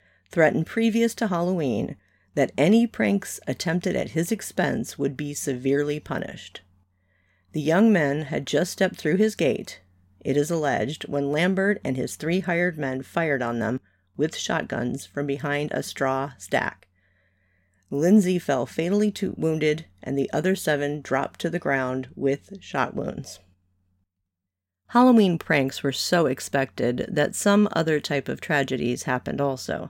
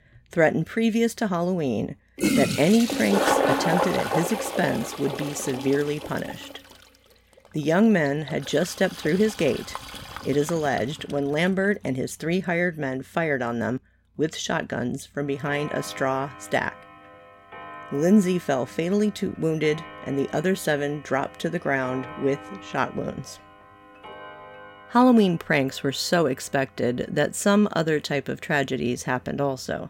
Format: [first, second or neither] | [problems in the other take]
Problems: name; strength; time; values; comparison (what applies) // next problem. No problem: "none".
first | household noises; loud; throughout; 6 dB below the speech